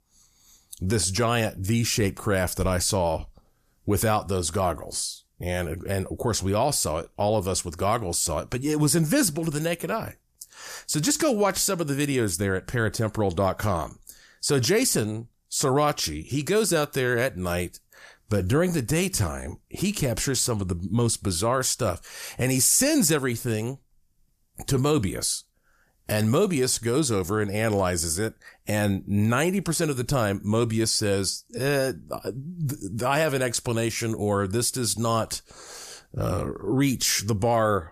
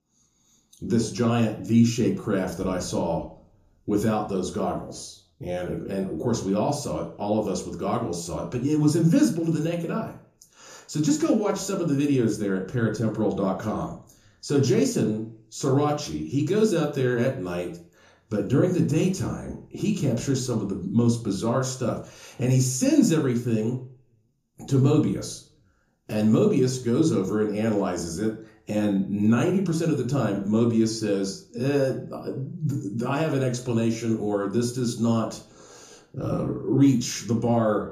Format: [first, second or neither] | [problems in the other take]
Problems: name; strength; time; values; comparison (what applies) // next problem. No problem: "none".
first | room echo; slight; dies away in 0.5 s // off-mic speech; far